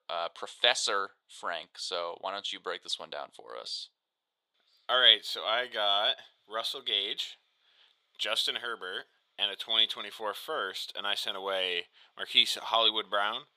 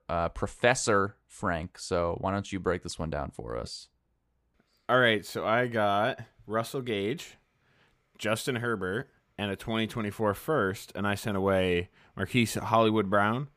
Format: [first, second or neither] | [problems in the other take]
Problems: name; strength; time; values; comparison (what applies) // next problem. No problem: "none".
second | thin; very; fading below 650 Hz